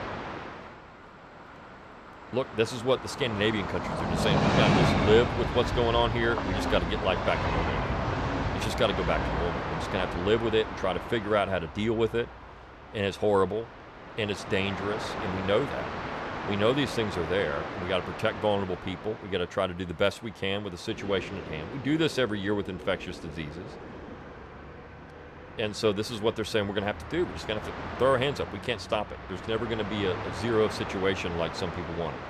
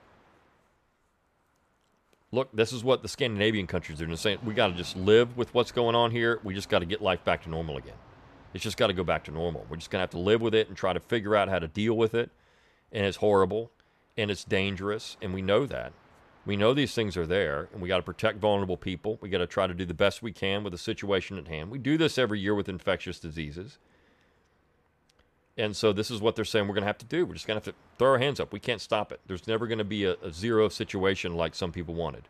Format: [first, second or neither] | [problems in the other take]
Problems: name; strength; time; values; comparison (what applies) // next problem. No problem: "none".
second | train or aircraft noise; loud; throughout; 4 dB below the speech; faint in the second